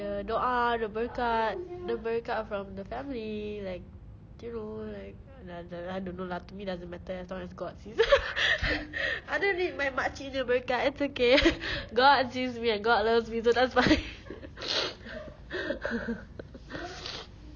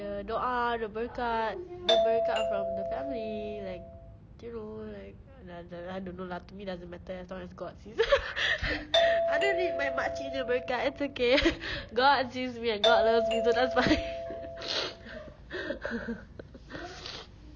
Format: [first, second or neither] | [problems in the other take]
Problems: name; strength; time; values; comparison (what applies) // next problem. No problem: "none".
first | background sound (Doorbell); 2 dB above the speech